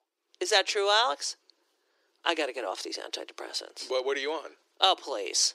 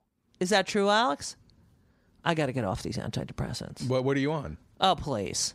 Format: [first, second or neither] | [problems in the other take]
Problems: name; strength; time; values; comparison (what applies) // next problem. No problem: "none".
second | thin; very; fading below 300 Hz